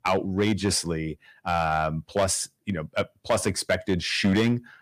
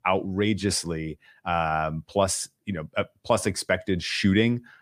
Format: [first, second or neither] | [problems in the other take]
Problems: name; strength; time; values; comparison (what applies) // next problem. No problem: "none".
second | distortion; slight; 4% of the sound clipped